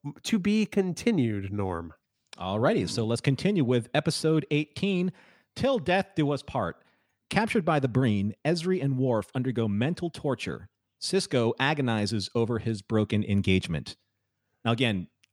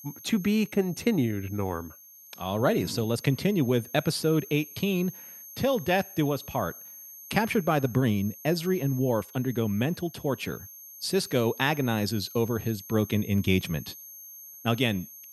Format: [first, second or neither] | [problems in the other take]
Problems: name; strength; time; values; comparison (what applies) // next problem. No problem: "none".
first | high-pitched whine; noticeable; throughout; 11.5 kHz, 15 dB below the speech